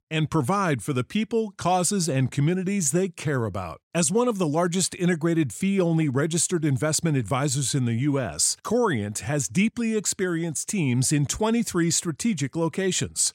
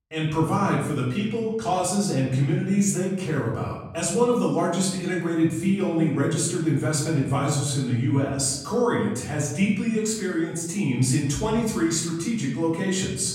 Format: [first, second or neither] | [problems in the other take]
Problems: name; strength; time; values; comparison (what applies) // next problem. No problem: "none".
first | room echo; noticeable; dies away in 0.8 s // off-mic speech; far